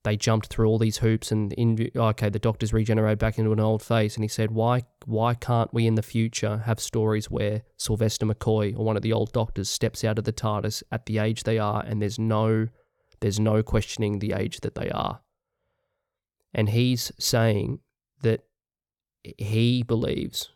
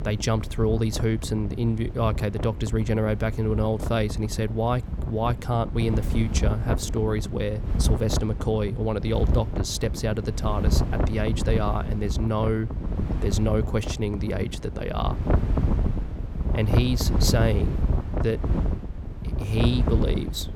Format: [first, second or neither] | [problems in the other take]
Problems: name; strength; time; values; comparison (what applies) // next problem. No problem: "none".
first | wind noise on the microphone; heavy; 8 dB below the speech